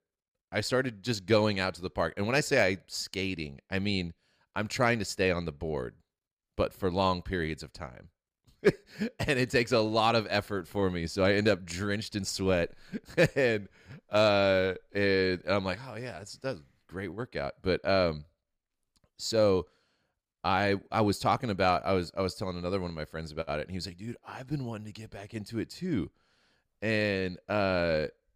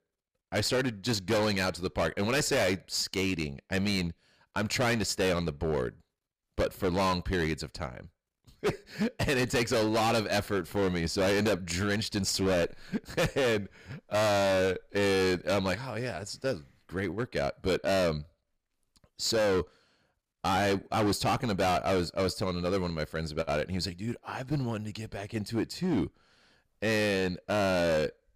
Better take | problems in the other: first | distortion; heavy; 15% of the sound clipped

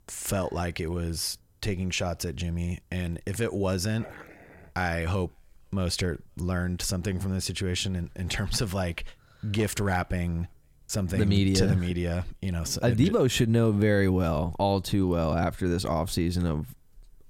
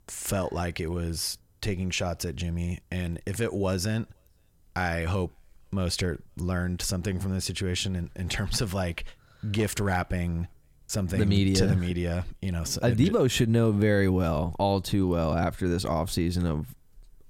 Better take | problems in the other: second | dog barking; faint; at 4 s; peak 15 dB below the speech

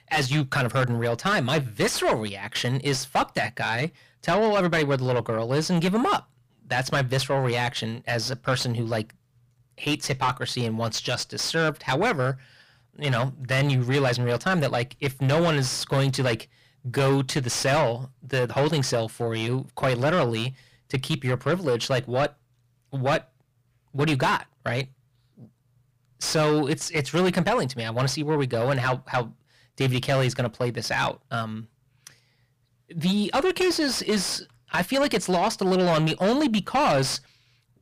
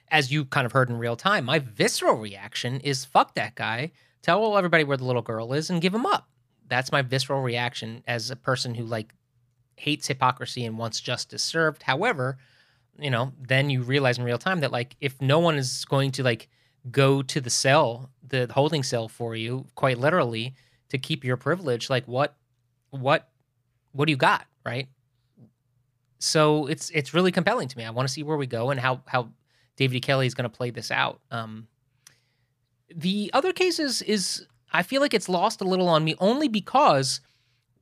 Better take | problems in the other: second | distortion; heavy; 6 dB below the speech

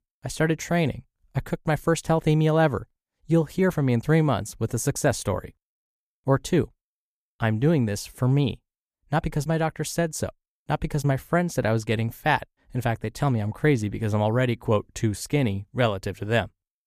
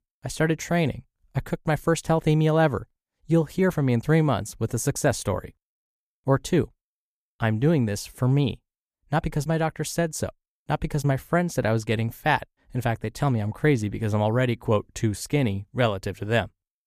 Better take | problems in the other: neither | none

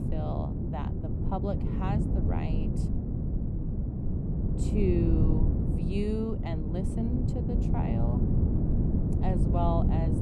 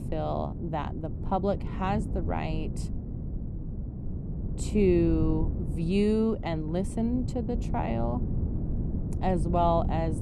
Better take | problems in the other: second | wind noise on the microphone; heavy; 2 dB below the speech; occasional gusts in the second

